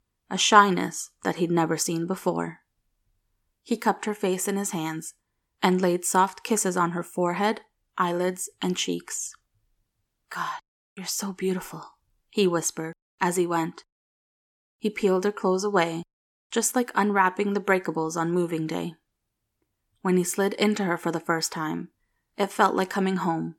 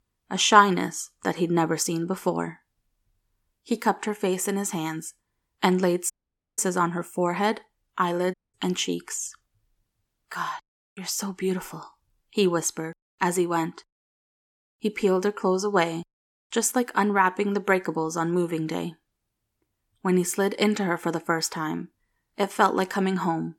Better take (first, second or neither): first